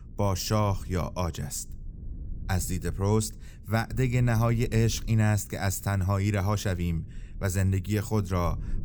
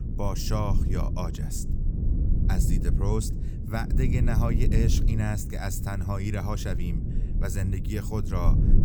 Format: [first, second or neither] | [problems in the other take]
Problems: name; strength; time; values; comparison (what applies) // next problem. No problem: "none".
first | low rumble; loud; throughout; 6 dB below the speech; faint in the first